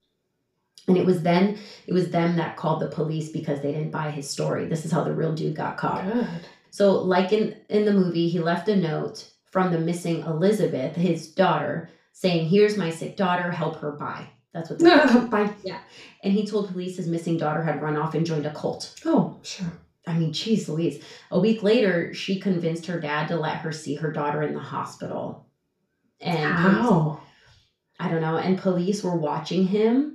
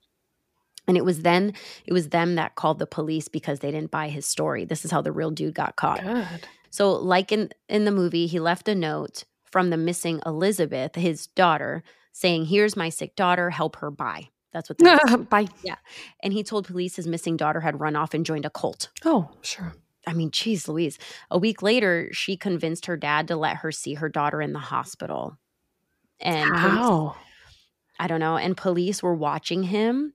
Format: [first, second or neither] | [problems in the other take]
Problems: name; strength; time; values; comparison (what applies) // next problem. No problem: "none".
second | room echo; slight; dies away in 0.3 s // off-mic speech; far